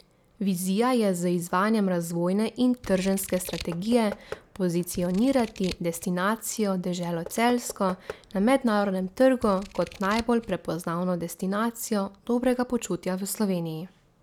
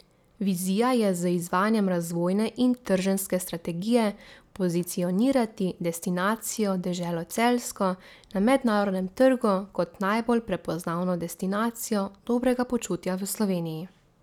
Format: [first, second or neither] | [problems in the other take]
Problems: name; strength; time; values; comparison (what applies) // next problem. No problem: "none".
second | background sound (Scissors + Knock / Wood); 17 dB below the speech